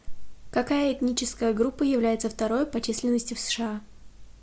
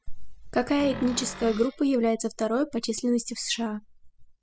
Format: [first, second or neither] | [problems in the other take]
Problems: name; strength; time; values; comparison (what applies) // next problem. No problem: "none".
first | noise reduction (classical method spectral subtraction)